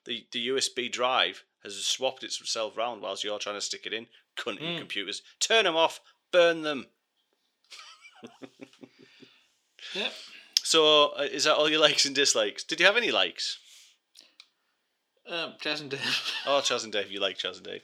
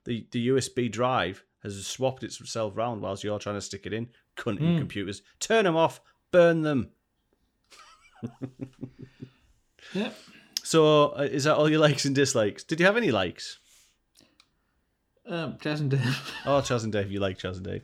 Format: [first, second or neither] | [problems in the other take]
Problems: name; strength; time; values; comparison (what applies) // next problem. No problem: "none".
second | thin; somewhat; fading below 450 Hz